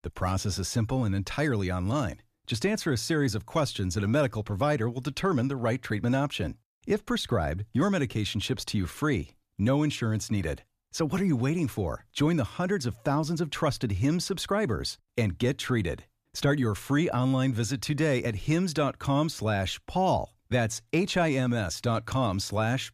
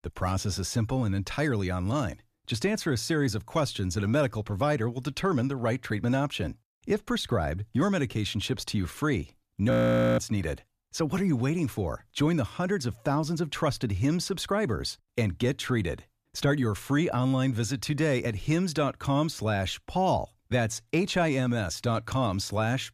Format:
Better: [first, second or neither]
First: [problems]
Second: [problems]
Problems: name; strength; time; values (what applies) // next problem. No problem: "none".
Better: first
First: none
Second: audio freezing; at 9.5 s